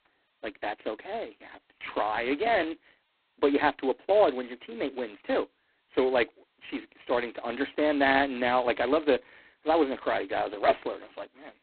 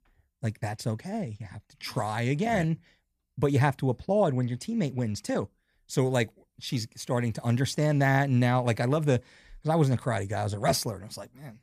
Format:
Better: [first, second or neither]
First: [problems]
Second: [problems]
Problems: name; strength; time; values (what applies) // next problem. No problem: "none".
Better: second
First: phone-call audio; poor line; nothing above 4 kHz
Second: none